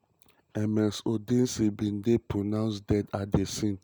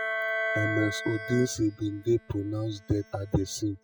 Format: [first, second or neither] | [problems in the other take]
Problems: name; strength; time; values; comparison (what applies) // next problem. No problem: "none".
first | noise reduction (classical method spectral subtraction)